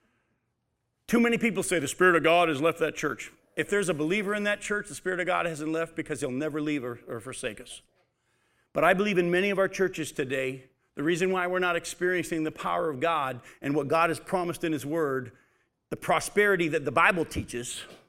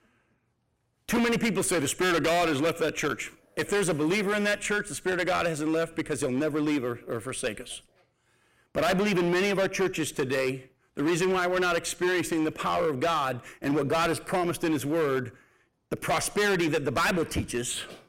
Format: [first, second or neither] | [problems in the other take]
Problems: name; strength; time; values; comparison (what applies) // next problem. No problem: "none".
first | distortion; heavy; 14% of the sound clipped